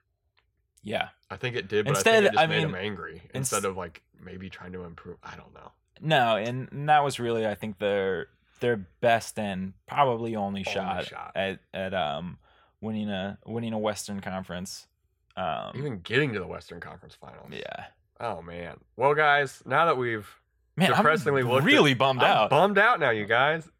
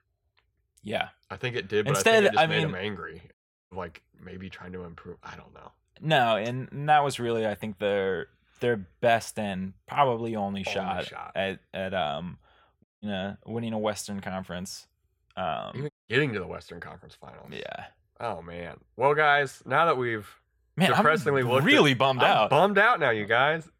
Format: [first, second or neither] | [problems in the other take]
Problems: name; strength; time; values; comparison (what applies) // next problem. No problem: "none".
first | audio cutting out; at 3.5 s, at 13 s and at 16 s